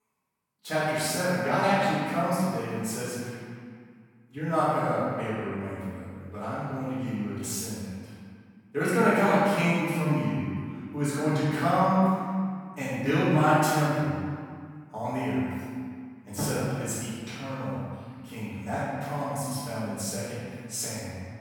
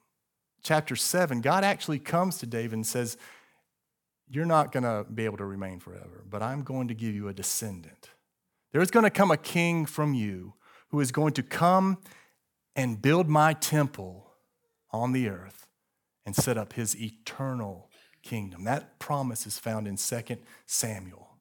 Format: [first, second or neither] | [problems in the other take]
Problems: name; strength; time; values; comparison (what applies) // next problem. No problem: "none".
second | off-mic speech; far // room echo; strong; dies away in 1.9 s